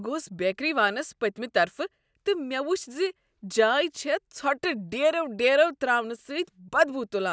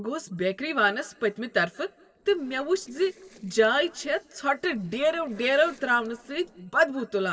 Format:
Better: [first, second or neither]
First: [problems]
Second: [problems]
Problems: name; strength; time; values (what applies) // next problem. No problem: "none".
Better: first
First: none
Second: noise reduction (neural separator model SepFormer DNS4)